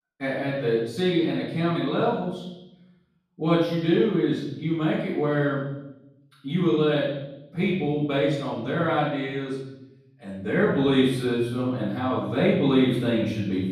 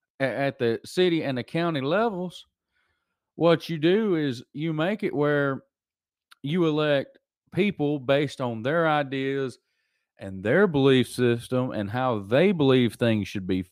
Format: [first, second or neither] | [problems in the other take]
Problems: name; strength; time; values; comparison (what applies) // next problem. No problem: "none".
second | off-mic speech; far // room echo; noticeable; dies away in 0.9 s